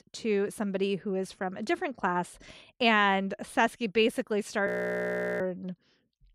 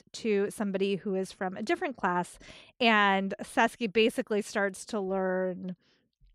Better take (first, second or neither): second